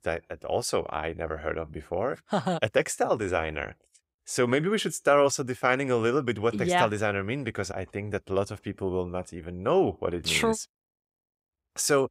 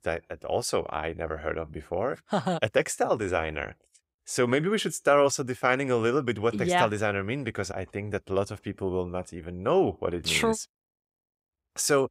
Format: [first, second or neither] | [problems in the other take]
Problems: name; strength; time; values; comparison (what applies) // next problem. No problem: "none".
neither | none